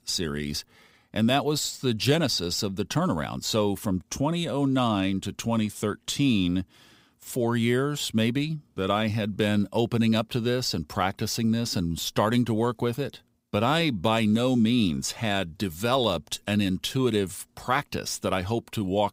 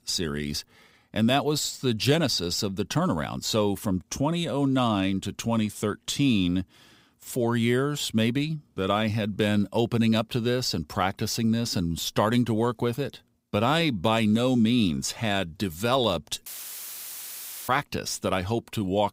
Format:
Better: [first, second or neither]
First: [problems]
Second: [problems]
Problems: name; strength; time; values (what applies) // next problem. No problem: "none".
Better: first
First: none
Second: audio cutting out; filled with static; at 16 s for 1 s